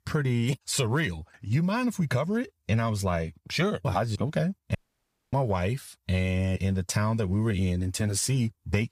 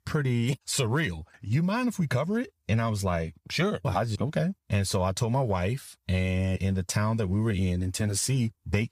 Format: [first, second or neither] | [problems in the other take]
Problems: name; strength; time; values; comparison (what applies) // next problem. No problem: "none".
second | audio cutting out; at 5 s for 0.5 s